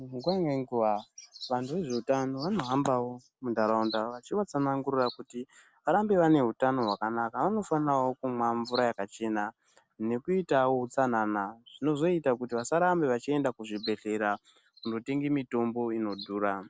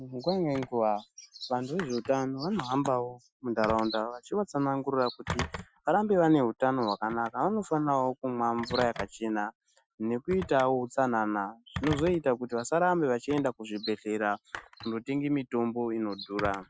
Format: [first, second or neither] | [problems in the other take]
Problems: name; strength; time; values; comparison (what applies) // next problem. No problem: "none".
first | noise reduction (classical method Wiener filter)